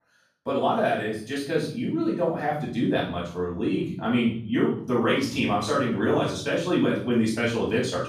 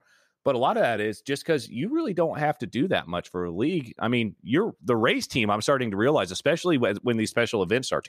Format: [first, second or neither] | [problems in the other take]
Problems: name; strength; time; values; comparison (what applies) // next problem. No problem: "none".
second | room echo; noticeable; dies away in 0.6 s // off-mic speech; far